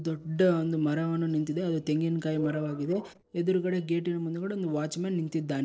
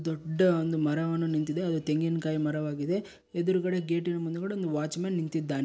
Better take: second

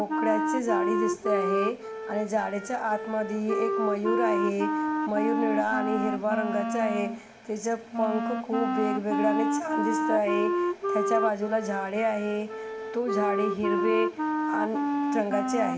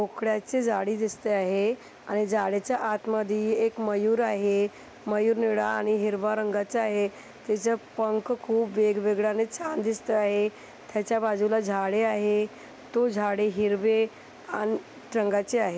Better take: second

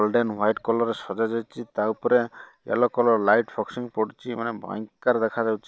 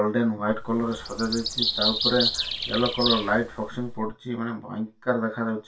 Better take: first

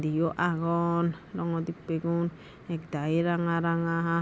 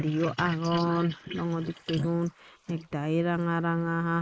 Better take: first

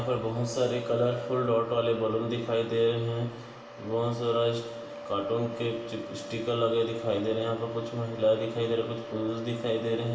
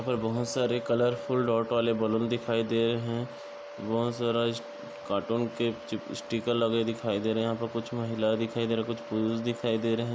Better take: second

